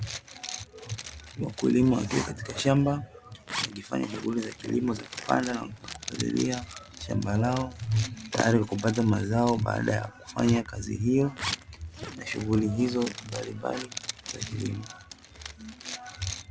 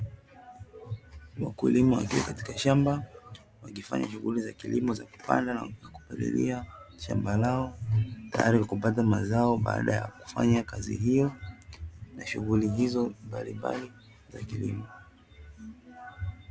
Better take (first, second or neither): second